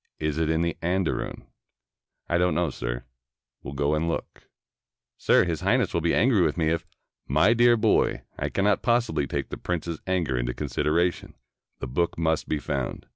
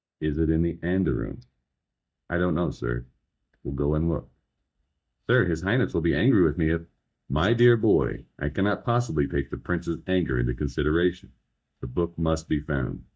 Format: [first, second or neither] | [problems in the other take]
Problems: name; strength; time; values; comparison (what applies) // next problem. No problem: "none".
first | noise reduction (neural mask model DeepFilterNet 3)